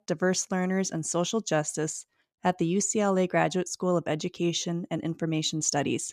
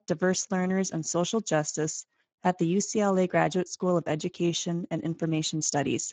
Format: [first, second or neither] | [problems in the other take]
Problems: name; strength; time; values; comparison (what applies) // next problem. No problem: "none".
first | garbled, watery; badly